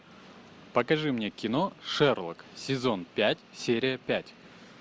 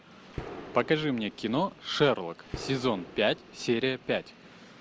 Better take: first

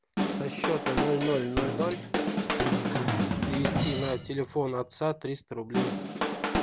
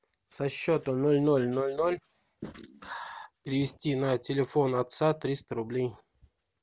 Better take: second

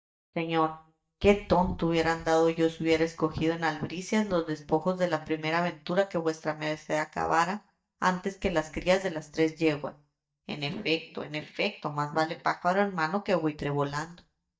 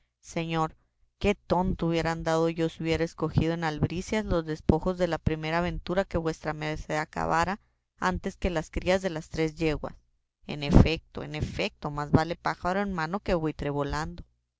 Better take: second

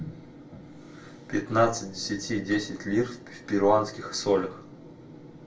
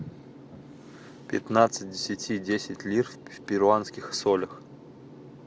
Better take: second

